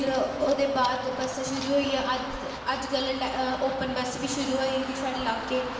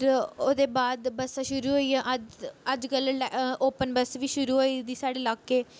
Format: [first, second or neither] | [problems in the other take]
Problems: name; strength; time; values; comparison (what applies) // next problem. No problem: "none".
second | background sound (Run); 9 dB below the speech // room echo; dies away in 1.6 s